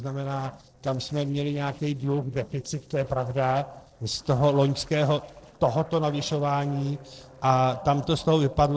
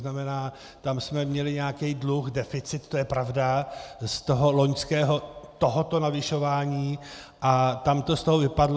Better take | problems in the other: second | noise reduction (neural separator model SepFormer DNS4)

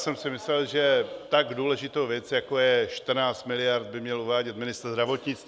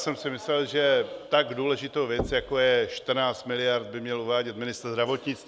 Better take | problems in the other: first | background sound (Knock); 12 dB below the speech

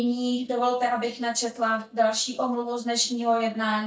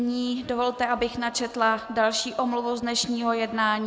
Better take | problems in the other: second | noise reduction (neural mask model DeepFilterNet 3)

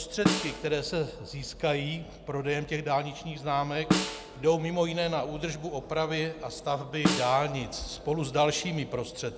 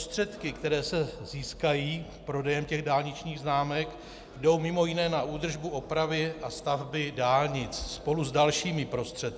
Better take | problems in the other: second | background sound (Snare drum); 3 dB below the speech

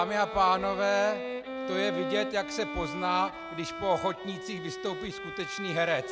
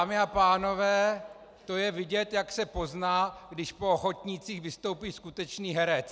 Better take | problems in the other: second | background sound (Bowed string instrument); 6 dB below the speech

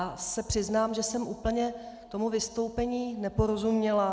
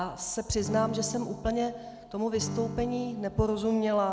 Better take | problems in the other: first | background sound (Acoustic guitar / Strum); 10 dB below the speech

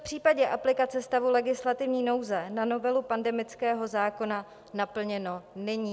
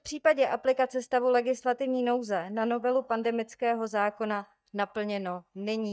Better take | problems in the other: first | noise reduction (neural mask model DeepFilterNet 3)

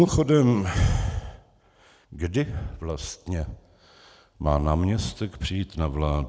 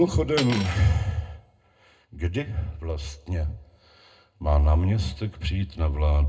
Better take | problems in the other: first | background sound (Cutlery, silverware); 13 dB below the speech // room echo; dies away in 0.2 s

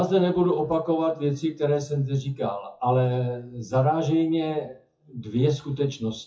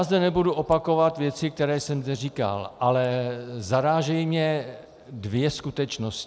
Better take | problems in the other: second | noise reduction (classical method WPE with log-MMSE)

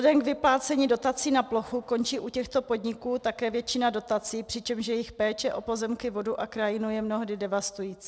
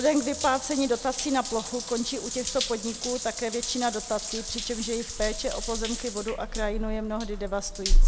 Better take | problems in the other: first | background sound (Drip / Trickle, dribble / Bathtub (filling or washing) / Water tap, faucet); 1 dB above the speech

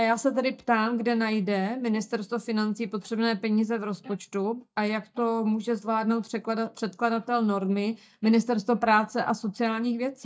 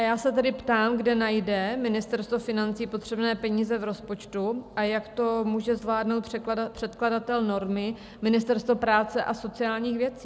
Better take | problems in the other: second | noise reduction (neural mask model DeepFilterNet 3)

